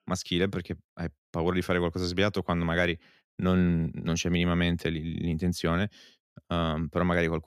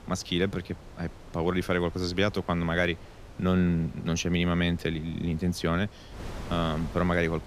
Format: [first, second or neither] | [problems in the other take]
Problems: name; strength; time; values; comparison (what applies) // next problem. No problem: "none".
first | wind noise on the microphone; occasional gusts; 20 dB below the speech